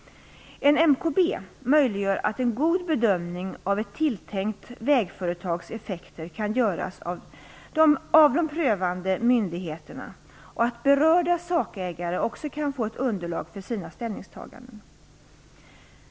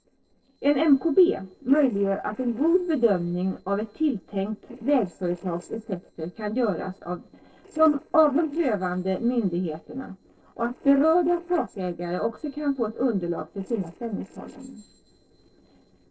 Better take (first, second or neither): first